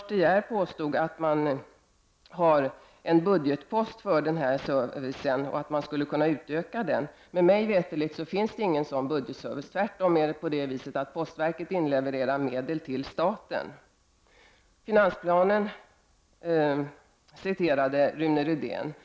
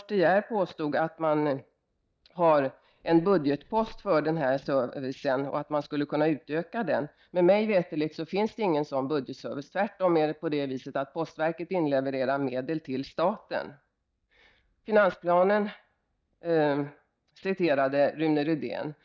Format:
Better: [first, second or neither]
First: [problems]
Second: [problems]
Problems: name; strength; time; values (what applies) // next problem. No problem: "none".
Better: first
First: none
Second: noise reduction (neural mask model DeepFilterNet 3)